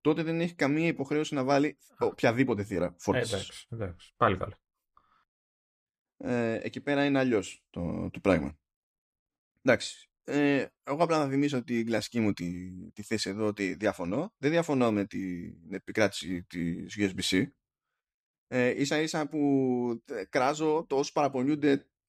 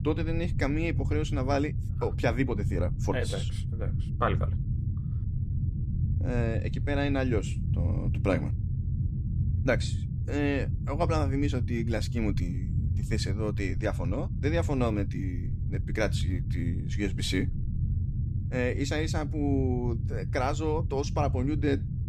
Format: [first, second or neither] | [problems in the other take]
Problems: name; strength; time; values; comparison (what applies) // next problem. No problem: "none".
first | low rumble; noticeable; throughout; 10 dB below the speech